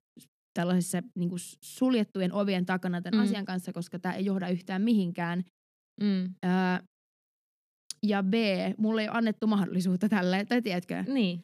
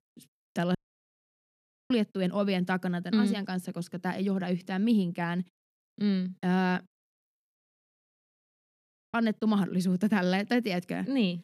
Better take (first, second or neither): first